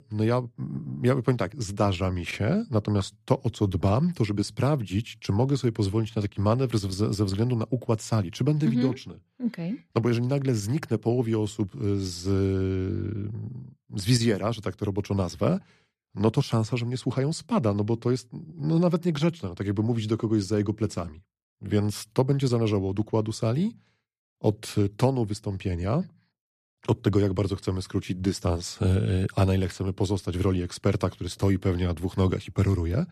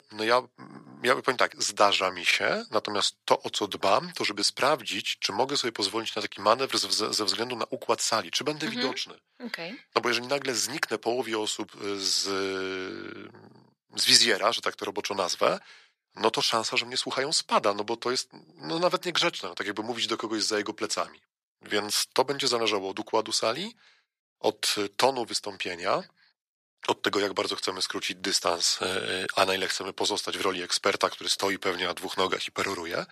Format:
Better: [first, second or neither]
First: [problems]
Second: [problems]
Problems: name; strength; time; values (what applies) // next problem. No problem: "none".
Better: first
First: none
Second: thin; very; fading below 700 Hz